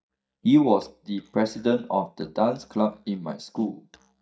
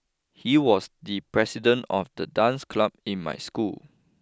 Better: second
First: noise reduction (neural mask model DeepFilterNet 3)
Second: none

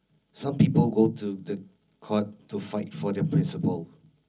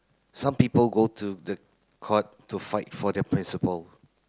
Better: second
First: room echo; dies away in 0.4 s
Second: none

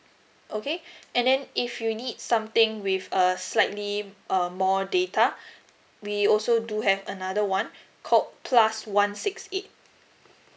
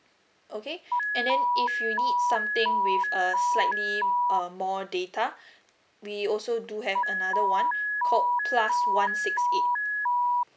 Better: first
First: none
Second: background sound (Alarm); 5 dB above the speech

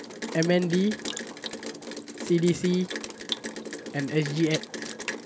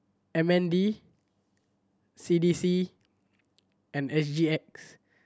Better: second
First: background sound (Rain); 8 dB below the speech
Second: none

